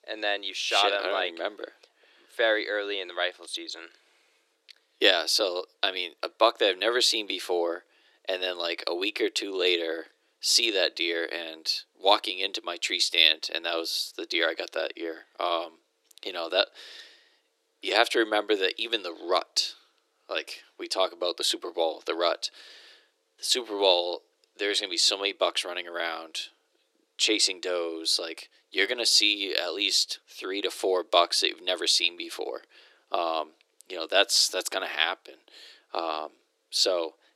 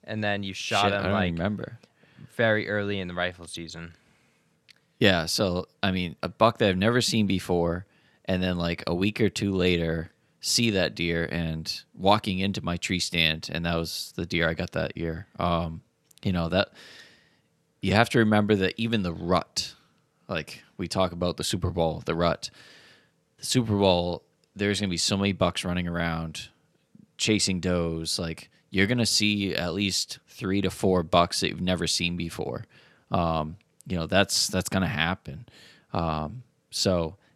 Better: second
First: thin; very; fading below 350 Hz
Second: none

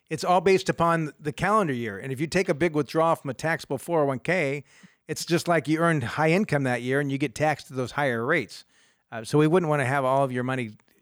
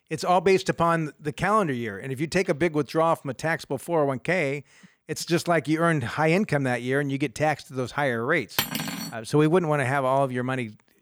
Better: first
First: none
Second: clattering dishes; noticeable; at 8.5 s; peak 2 dB below the speech

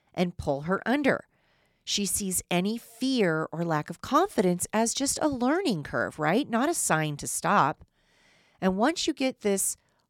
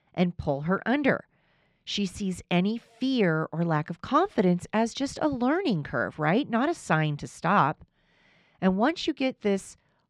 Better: first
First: none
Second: muffled; slightly; fading above 3 kHz

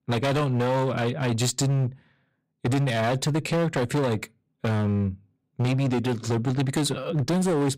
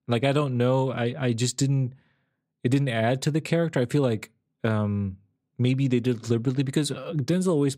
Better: second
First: distortion; heavy; 20% of the sound clipped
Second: none

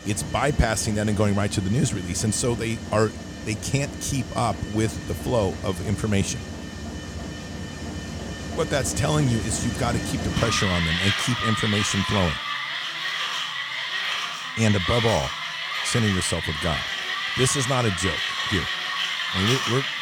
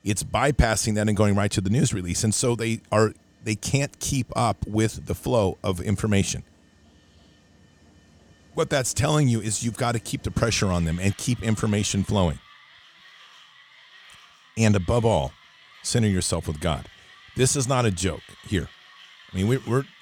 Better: second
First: machinery noise; loud; throughout; 3 dB below the speech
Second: machinery noise; faint; throughout; 25 dB below the speech

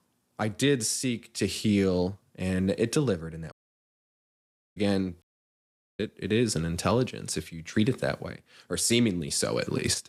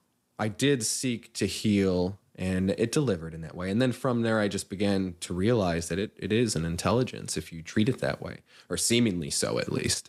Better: second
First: audio cutting out; at 3.5 s for 1 s and at 5 s for 1 s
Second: none

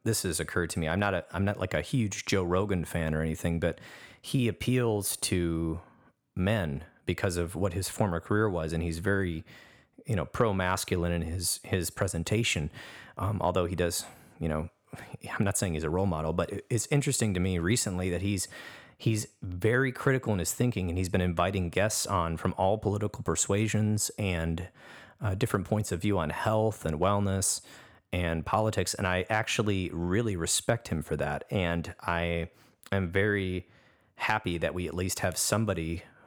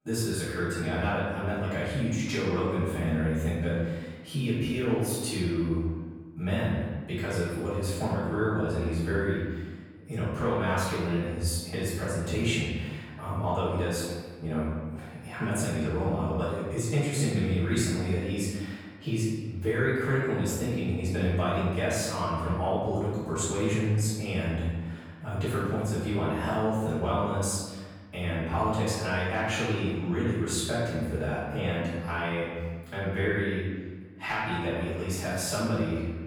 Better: first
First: none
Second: off-mic speech; far // room echo; strong; dies away in 1.3 s

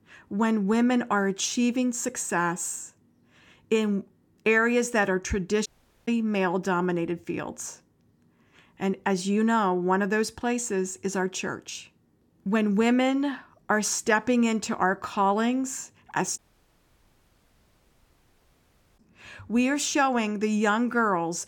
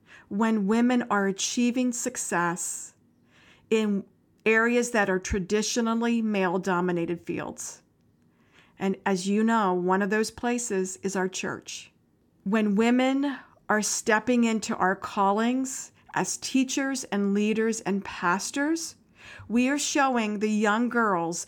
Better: second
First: audio cutting out; at 5.5 s and at 16 s for 2.5 s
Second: none

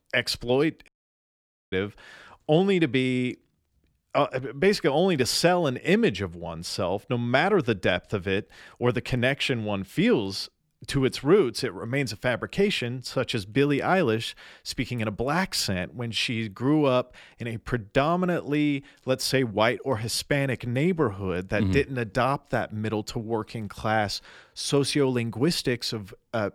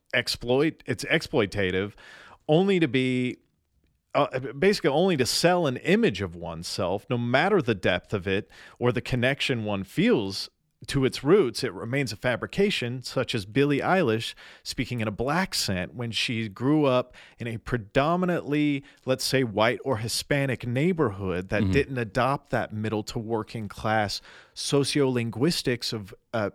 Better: second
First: audio cutting out; at 1 s for 1 s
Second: none

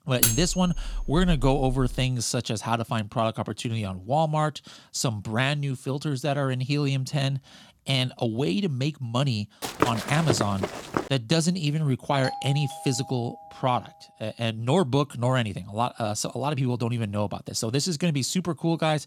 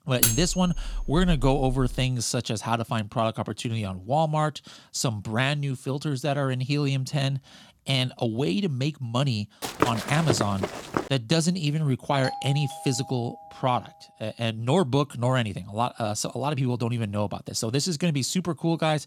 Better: neither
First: clattering dishes; loud; until 2 s; peak 4 dB above the speech // footsteps; noticeable; from 9.5 to 11 s; peak 1 dB below the speech // doorbell; noticeable; from 12 to 14 s; peak 8 dB below the speech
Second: clattering dishes; loud; until 2 s; peak 4 dB above the speech // footsteps; noticeable; from 9.5 to 11 s; peak 1 dB below the speech // doorbell; noticeable; from 12 to 14 s; peak 8 dB below the speech

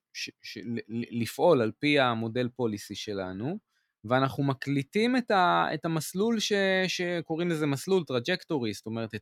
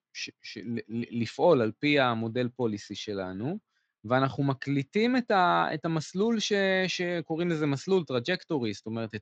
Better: first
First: none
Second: garbled, watery; slightly

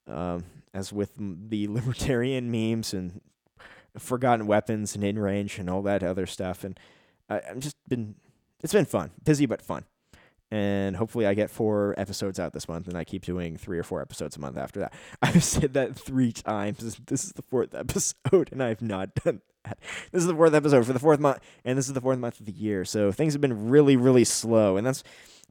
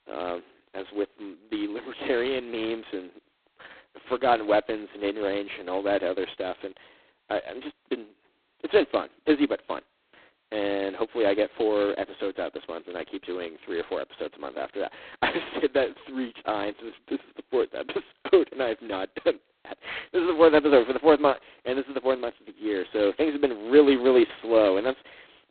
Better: first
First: none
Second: phone-call audio; poor line; nothing above 4 kHz

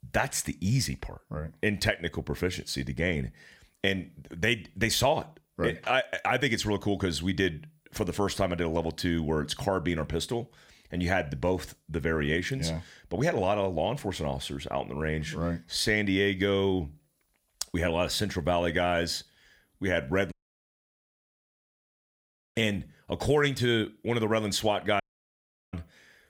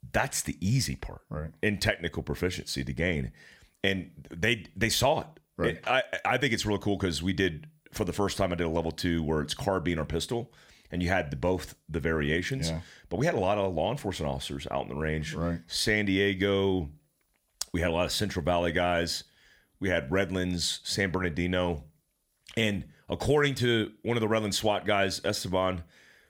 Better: second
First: audio cutting out; at 20 s for 2 s and at 25 s for 0.5 s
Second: none

